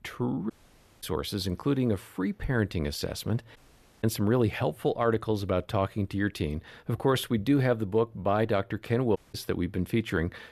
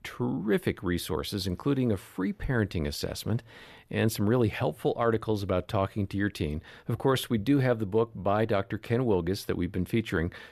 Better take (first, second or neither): second